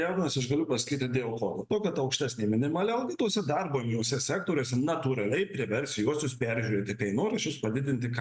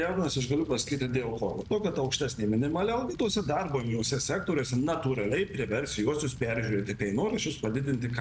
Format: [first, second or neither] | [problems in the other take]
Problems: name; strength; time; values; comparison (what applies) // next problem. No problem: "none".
first | background sound (Fire); 17 dB below the speech